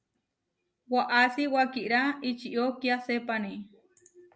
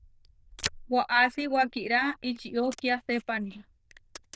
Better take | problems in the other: first | noise reduction (neural diffusion model UNIVERSE++)

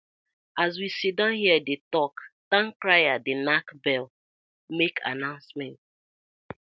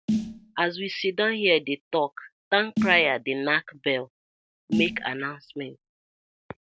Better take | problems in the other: first | background sound (Snare drum); 7 dB below the speech

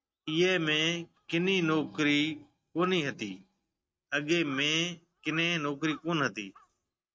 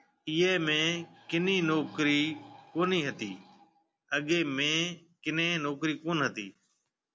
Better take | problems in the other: second | noise reduction (neural mask model RNNoise)

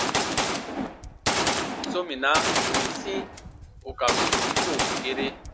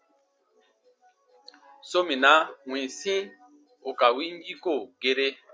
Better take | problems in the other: second | background sound (Gunshot, gunfire); 5 dB above the speech

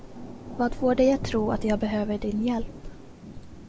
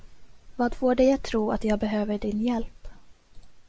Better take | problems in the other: second | background sound (Thunder / Rain); 13 dB below the speech

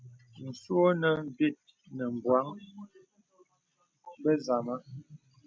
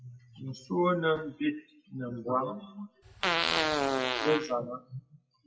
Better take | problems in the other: first | noise reduction (classical method WPE with log-MMSE)

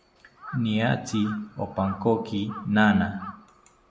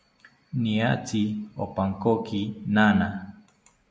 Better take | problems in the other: second | background sound (Crow); 18 dB below the speech

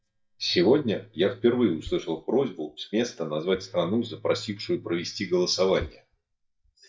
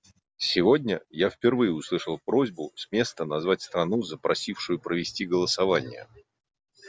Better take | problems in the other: second | noise reduction (neural mask model DeepFilterNet 3)

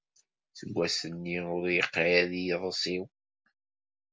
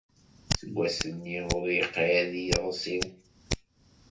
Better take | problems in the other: first | background sound (Hands); 5 dB below the speech // room echo; dies away in 0.3 s

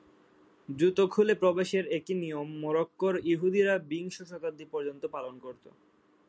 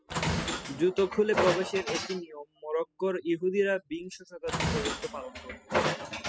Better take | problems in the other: first | noise reduction (classical method spectral subtraction)

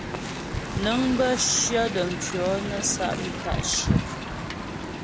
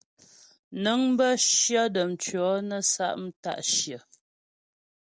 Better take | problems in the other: second | background sound (Wind); 2 dB below the speech

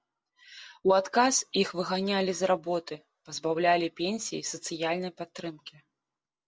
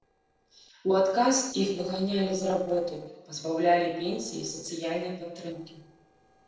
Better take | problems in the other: first | noise reduction (neural separator model SepFormer DNS4)

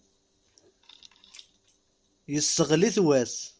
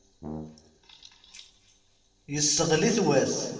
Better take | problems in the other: first | background sound (Brass instrument); 15 dB below the speech // room echo; dies away in 1.7 s

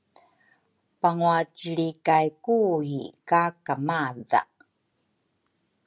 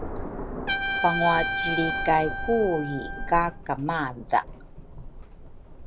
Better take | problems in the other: first | background sound (Thunder + Trumpet); 4 dB below the speech

